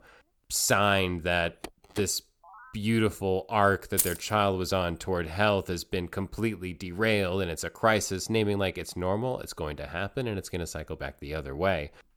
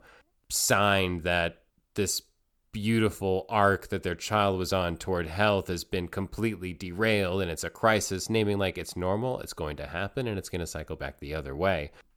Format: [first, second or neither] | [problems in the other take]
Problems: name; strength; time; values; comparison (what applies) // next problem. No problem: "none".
second | phone ringing; faint; from 1.5 to 2.5 s; peak 15 dB below the speech // jangling keys; loud; at 4 s; peak 1 dB above the speech